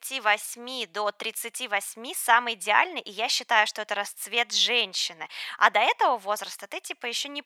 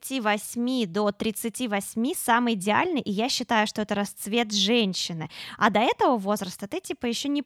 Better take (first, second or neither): second